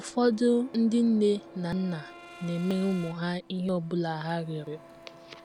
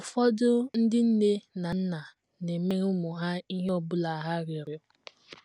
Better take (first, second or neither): second